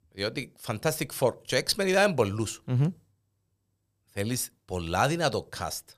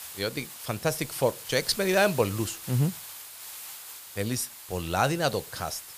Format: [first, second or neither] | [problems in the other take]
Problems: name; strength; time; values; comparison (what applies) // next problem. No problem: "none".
first | hiss; noticeable; throughout; 10 dB below the speech